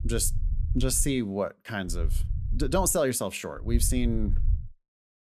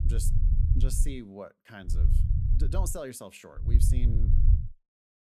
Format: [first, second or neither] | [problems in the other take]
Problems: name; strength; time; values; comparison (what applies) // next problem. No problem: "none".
first | low rumble; loud; until 1 s, at 2 s and at 3.5 s; 4 dB below the speech; faint in the first